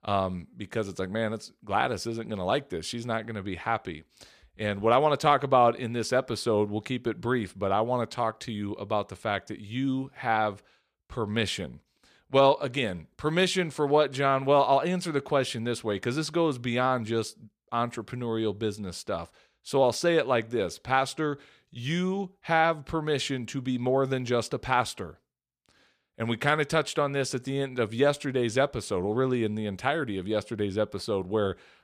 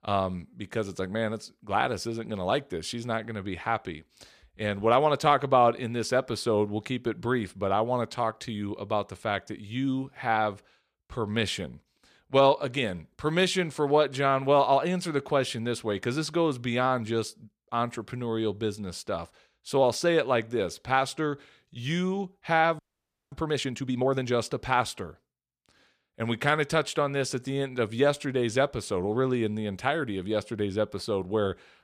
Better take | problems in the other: first | audio freezing; at 23 s for 0.5 s

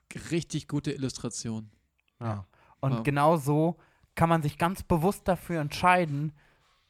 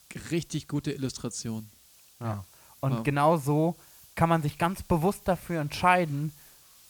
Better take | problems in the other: first | hiss; faint; throughout; 25 dB below the speech

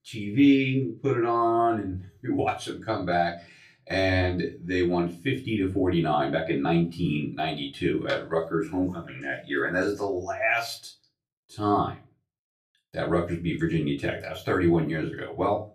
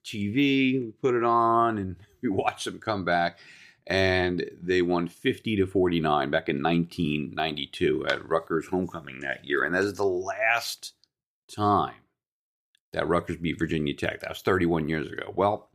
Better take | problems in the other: second | off-mic speech; far // room echo; very slight; dies away in 0.3 s

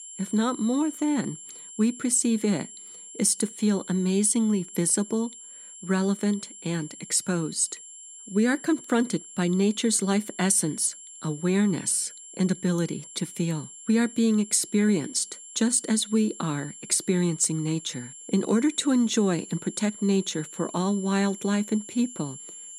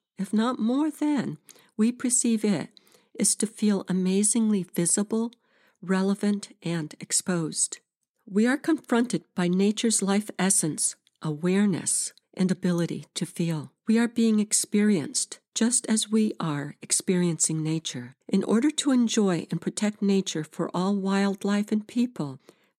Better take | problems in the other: second | high-pitched whine; noticeable; throughout; 7.5 kHz, 15 dB below the speech

